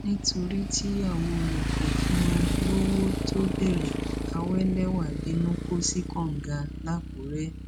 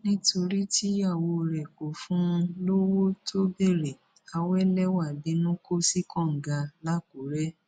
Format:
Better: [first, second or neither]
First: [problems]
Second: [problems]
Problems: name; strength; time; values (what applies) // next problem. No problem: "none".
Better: second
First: background sound (Motorcycle); as loud as the speech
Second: none